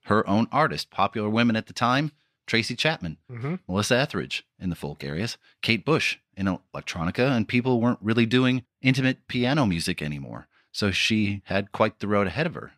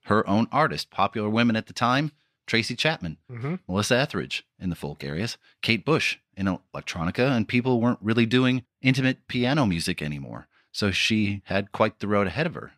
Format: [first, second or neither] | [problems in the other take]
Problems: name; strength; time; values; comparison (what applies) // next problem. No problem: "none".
neither | none